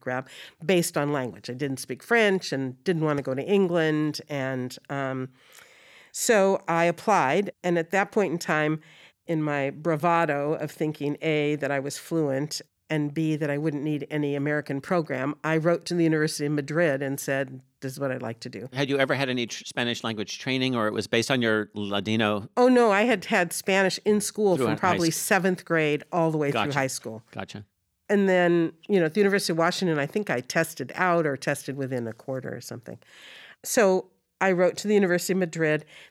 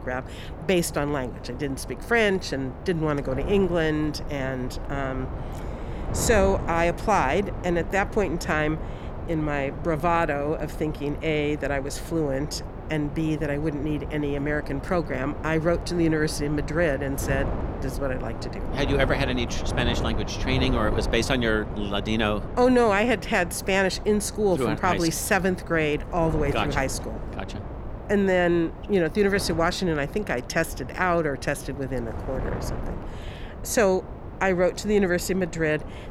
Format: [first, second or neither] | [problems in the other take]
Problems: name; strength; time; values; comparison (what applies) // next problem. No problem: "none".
first | wind noise on the microphone; occasional gusts; 15 dB below the speech